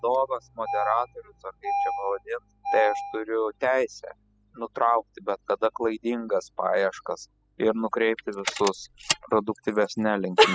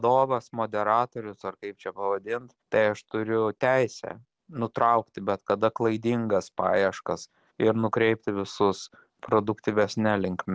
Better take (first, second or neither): second